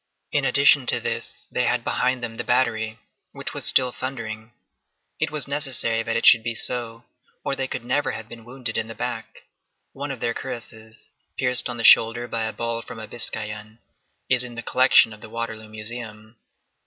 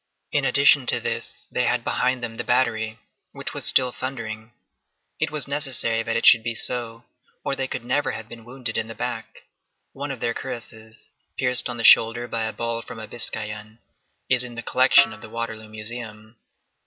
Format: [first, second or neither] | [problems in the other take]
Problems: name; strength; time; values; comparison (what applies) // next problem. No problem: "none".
first | background sound (Snare drum); 13 dB below the speech